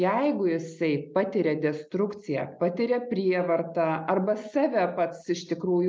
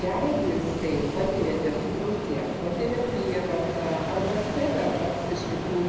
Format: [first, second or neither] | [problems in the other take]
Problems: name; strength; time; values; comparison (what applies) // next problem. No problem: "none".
first | background sound (Ocean); 3 dB below the speech // room echo; dies away in 1 s